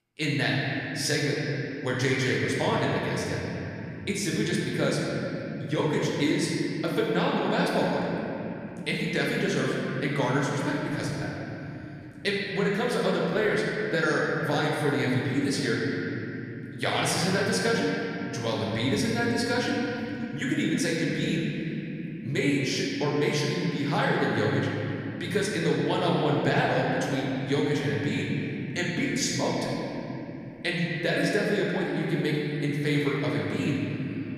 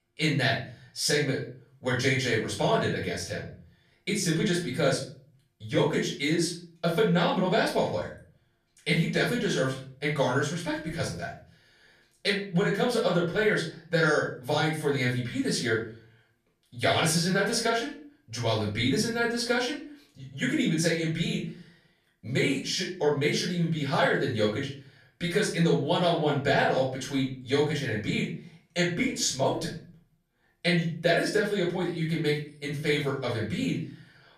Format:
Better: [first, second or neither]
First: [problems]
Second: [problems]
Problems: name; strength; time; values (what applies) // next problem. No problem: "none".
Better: second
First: room echo; strong; dies away in 3 s // off-mic speech; far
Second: room echo; slight; dies away in 0.4 s // off-mic speech; far